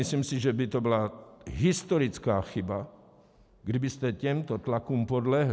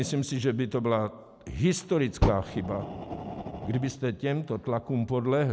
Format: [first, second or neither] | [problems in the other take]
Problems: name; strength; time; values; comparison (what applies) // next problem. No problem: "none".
first | background sound (Fire); 5 dB below the speech